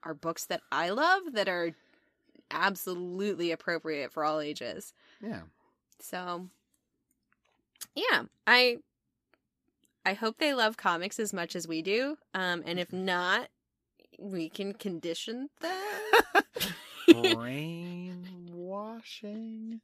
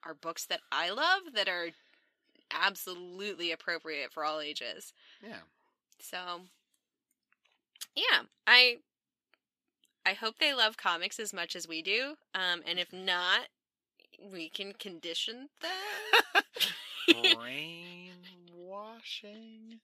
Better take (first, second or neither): first